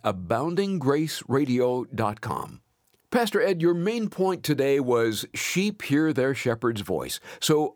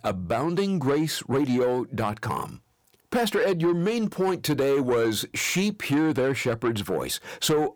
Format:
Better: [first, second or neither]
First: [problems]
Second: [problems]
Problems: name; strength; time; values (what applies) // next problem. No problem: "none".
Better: first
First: none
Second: distortion; slight; 10 dB below the speech